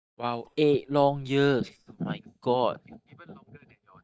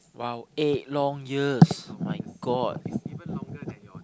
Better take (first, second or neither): second